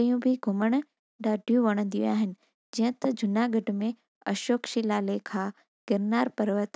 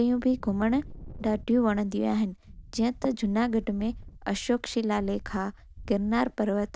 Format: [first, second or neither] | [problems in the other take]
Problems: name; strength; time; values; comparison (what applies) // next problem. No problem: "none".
first | background sound (Wind); 17 dB below the speech